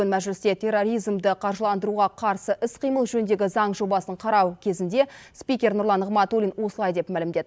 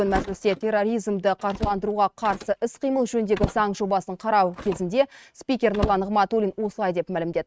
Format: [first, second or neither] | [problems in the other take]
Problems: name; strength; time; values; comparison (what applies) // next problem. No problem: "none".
first | noise reduction (neural mask model RNNoise)